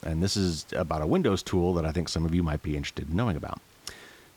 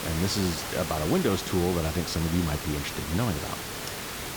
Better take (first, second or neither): first